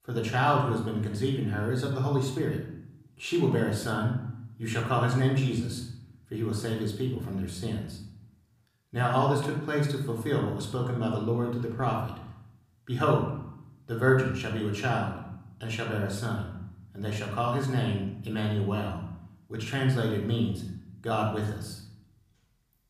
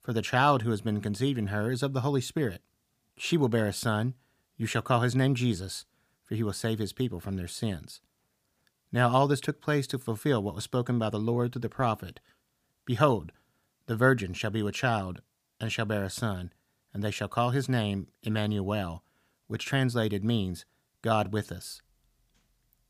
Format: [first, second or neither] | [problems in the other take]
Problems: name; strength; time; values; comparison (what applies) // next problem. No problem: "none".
second | room echo; noticeable; dies away in 0.7 s // off-mic speech; far